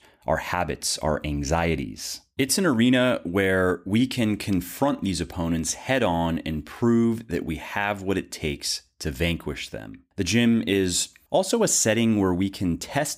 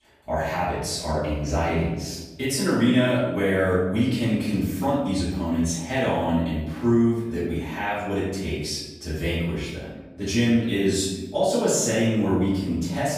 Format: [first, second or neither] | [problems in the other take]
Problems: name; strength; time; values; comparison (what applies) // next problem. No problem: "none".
first | off-mic speech; far // room echo; noticeable; dies away in 1 s